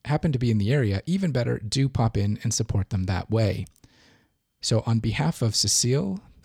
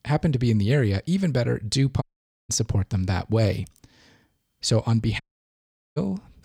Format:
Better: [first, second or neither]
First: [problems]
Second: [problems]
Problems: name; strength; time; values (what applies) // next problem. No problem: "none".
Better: first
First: none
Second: audio cutting out; at 2 s and at 5 s for 1 s